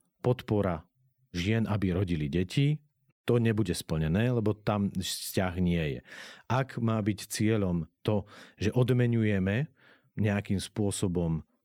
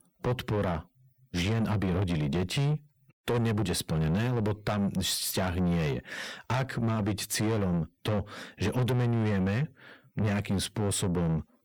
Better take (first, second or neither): first